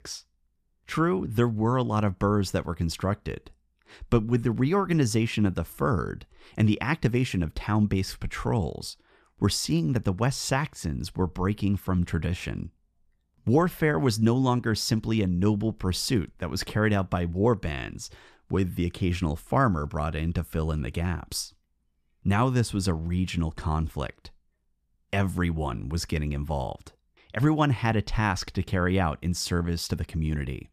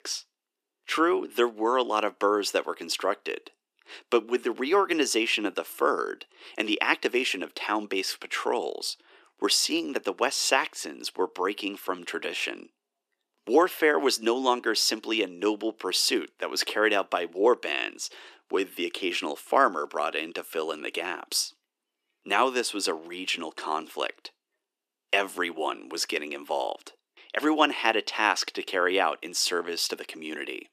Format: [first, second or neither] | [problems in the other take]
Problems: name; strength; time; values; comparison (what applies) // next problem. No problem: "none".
first | thin; very; fading below 300 Hz